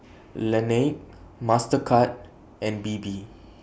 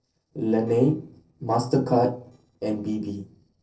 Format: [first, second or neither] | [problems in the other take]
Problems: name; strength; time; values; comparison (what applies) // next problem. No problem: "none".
first | noise reduction (neural separator model SepFormer DNS4)